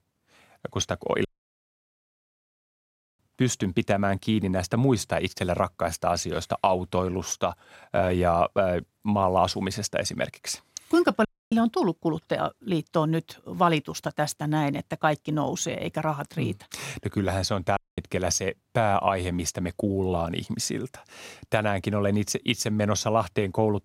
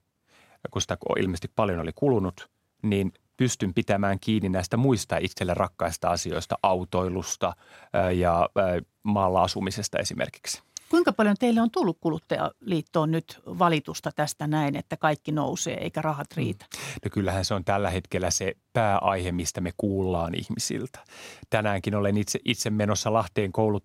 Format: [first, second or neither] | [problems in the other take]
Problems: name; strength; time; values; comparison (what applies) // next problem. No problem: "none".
second | audio cutting out; at 1.5 s for 2 s, at 11 s and at 18 s